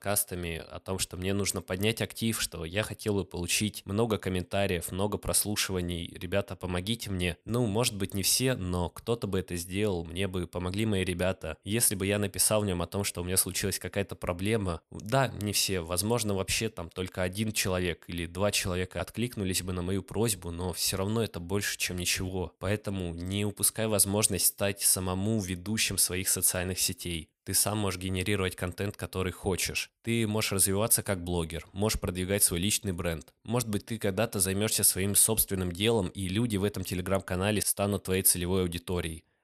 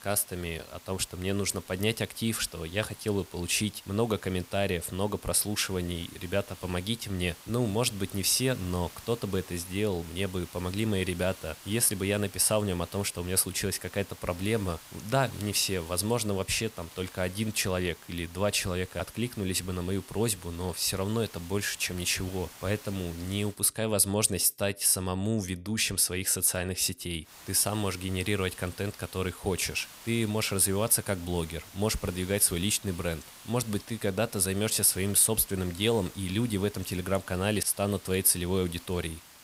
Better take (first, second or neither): first